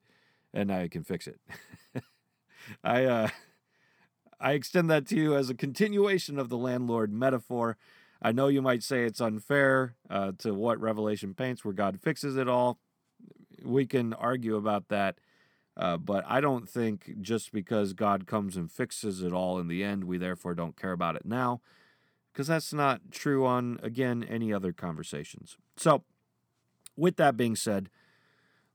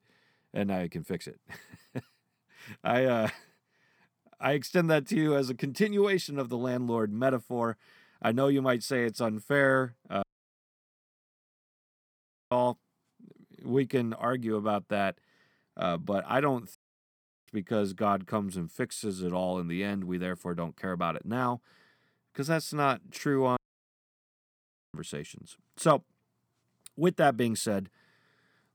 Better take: first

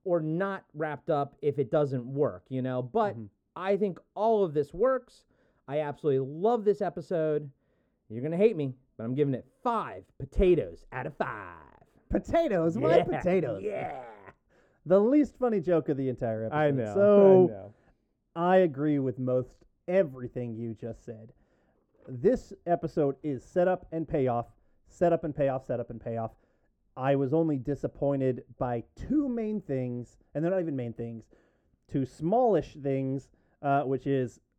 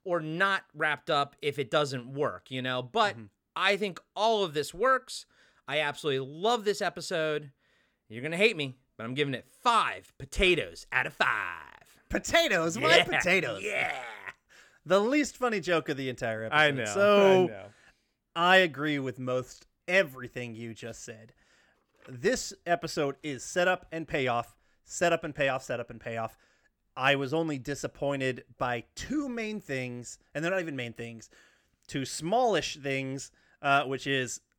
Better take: second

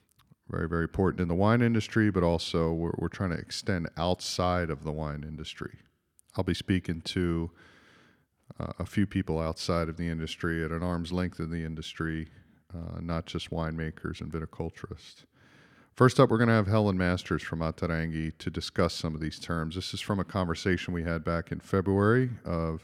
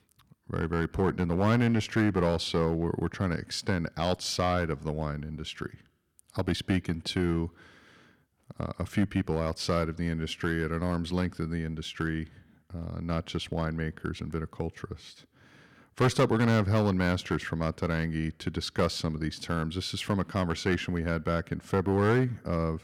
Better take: first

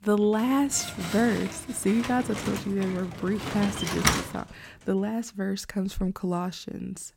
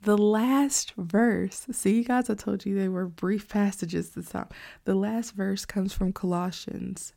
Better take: second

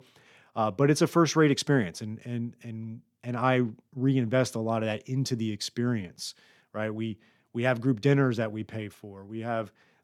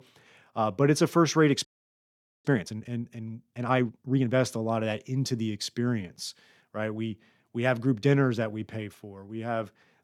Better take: first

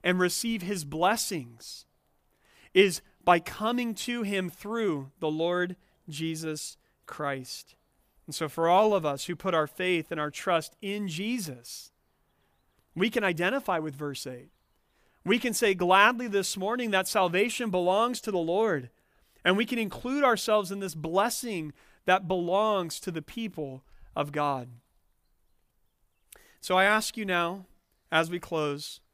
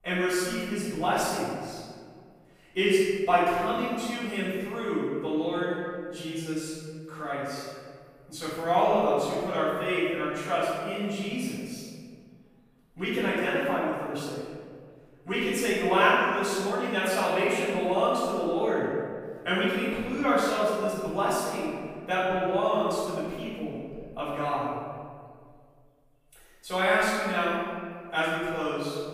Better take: first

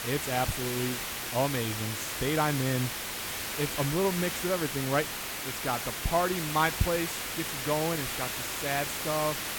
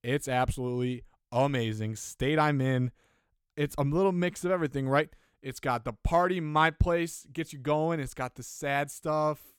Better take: second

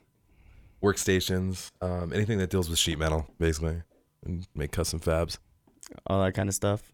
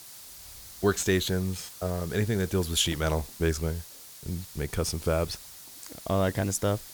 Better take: first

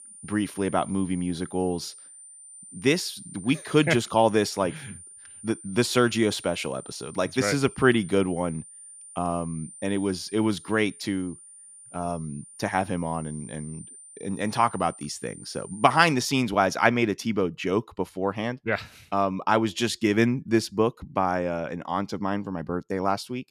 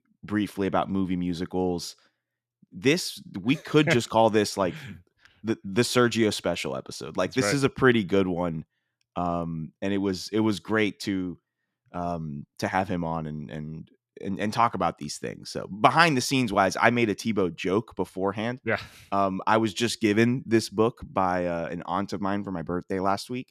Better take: second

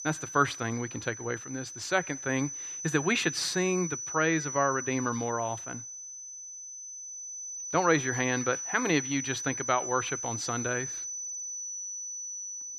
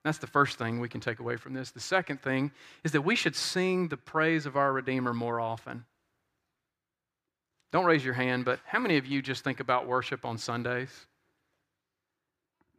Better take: second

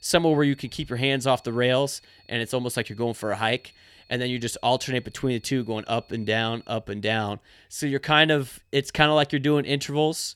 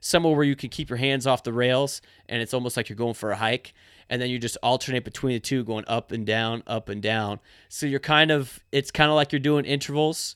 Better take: second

